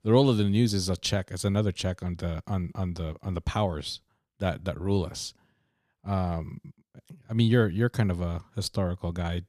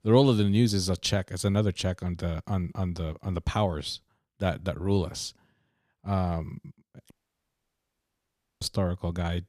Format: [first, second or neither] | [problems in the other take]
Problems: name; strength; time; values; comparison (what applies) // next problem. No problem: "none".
first | audio cutting out; at 7 s for 1.5 s